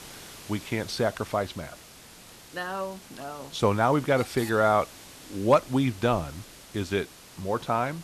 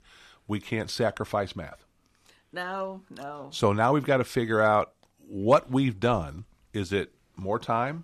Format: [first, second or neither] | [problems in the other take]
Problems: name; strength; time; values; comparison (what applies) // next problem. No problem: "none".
second | hiss; noticeable; throughout; 20 dB below the speech